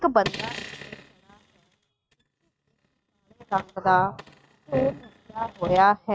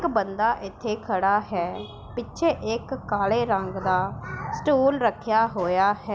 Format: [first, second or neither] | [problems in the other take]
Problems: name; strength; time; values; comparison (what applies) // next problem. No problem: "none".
second | noise reduction (neural mask model RNNoise)